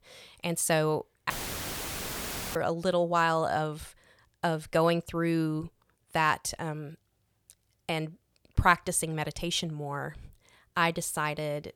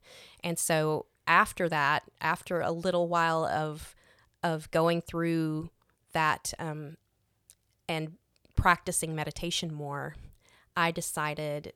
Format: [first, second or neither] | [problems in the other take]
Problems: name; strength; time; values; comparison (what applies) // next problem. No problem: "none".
second | audio cutting out; filled with static; at 1.5 s for 1 s